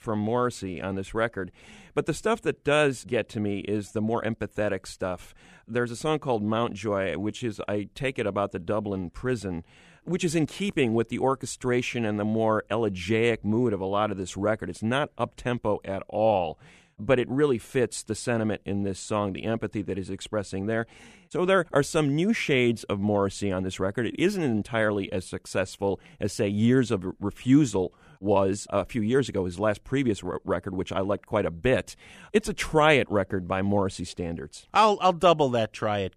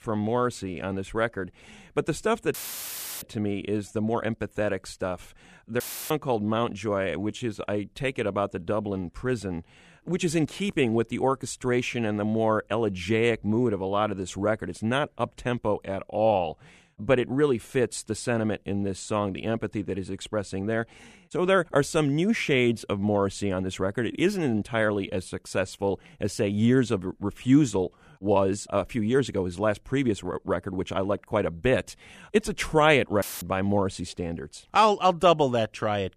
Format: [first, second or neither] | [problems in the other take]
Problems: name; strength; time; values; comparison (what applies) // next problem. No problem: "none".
first | audio cutting out; filled with static; at 2.5 s for 0.5 s, at 6 s and at 33 s